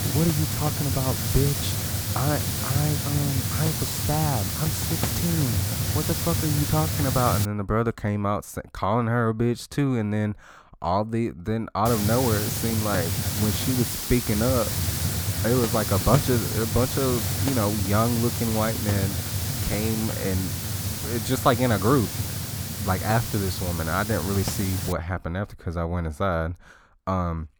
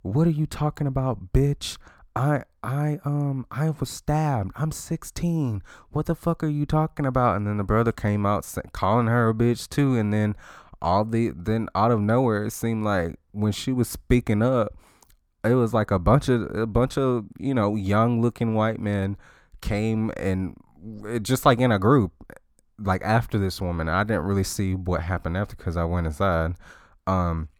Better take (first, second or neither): second